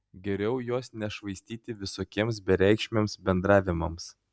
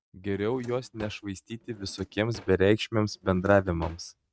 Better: first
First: none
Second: noise reduction (neural mask model RNNoise)

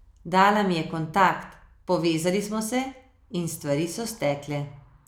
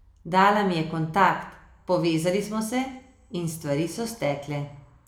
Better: first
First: none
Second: room echo; dies away in 0.6 s

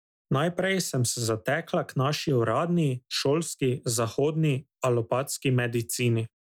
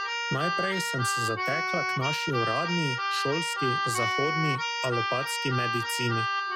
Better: first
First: none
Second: background sound (Keyboard (musical)); 2 dB above the speech

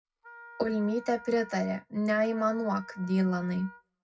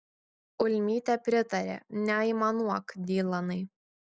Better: second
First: background sound (Wind instrument, woodwind instrument); 19 dB below the speech // room echo; dies away in 0.4 s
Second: none

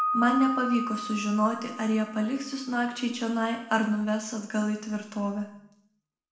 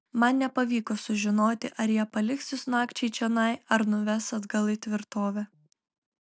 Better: second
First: background sound (Piano); 8 dB below the speech // room echo; dies away in 0.7 s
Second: none

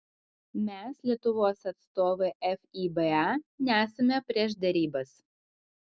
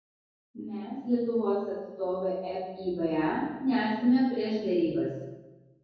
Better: first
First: none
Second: room echo; dies away in 1.3 s

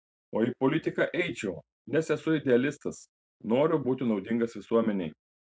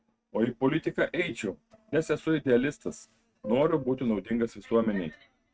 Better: first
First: none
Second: noise reduction (neural mask model RNNoise)

